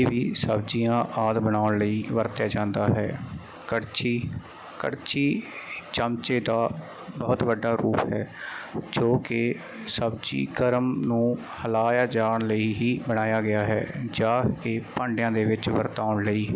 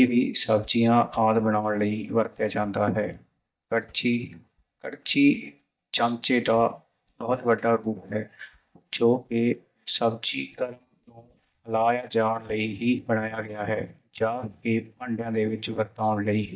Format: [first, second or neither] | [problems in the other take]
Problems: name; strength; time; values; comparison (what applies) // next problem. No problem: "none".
first | noise reduction (neural mask model DeepFilterNet 3)